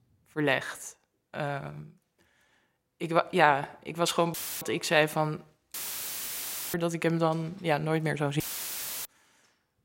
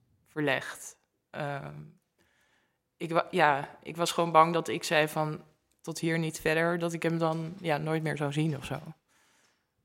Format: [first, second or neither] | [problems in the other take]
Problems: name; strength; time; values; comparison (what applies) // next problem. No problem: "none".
second | audio cutting out; filled with static; at 4.5 s, at 5.5 s for 1 s and at 8.5 s for 0.5 s